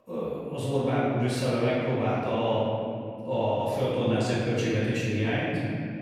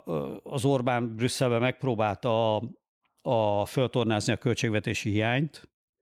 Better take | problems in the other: second | room echo; strong; dies away in 2.2 s // off-mic speech; far

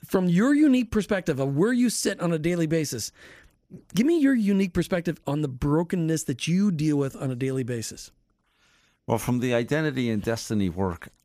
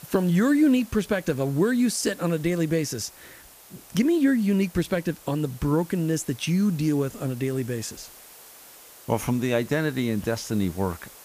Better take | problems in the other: first | hiss; faint; throughout; 20 dB below the speech

